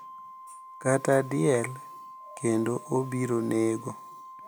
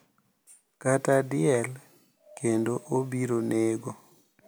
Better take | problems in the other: second | background sound (Organ); 17 dB below the speech

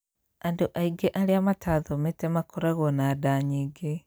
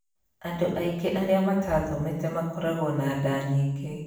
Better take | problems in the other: first | room echo; dies away in 0.6 s

